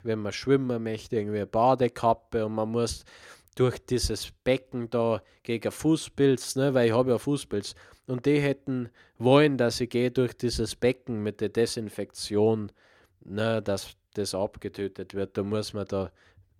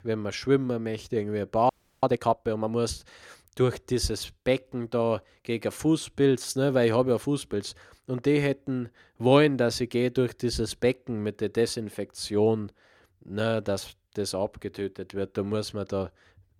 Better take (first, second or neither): first